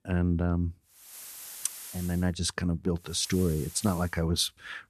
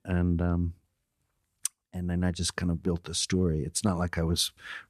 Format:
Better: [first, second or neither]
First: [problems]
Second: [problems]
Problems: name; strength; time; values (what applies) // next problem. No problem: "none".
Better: second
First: hiss; noticeable; from 1 to 2 s and at 3 s; 15 dB below the speech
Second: none